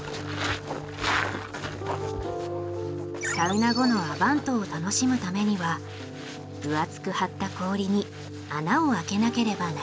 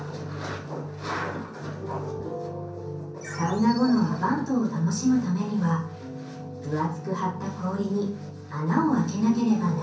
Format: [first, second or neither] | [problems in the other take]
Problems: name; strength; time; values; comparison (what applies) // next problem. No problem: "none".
first | room echo; dies away in 0.6 s